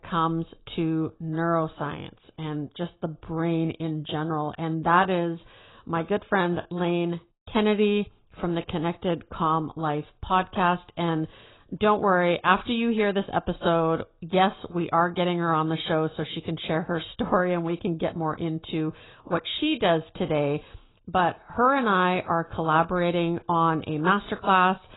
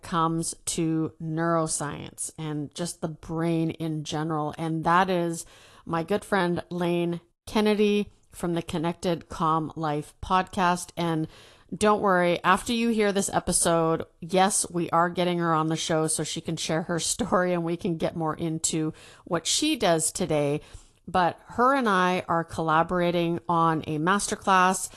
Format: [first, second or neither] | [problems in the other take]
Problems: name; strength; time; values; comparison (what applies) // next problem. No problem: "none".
second | garbled, watery; badly; nothing above 4 kHz; slightly in the second